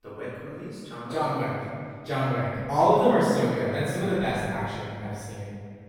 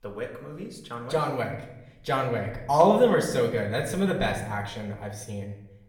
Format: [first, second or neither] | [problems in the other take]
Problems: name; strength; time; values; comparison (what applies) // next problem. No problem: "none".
second | room echo; strong; dies away in 1.9 s; slight in the second // off-mic speech; far; far in the second